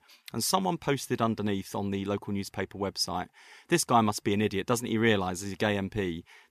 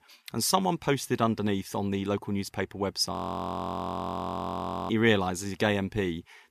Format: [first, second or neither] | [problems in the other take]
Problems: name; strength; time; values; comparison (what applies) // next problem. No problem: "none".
first | audio freezing; at 3 s for 2 s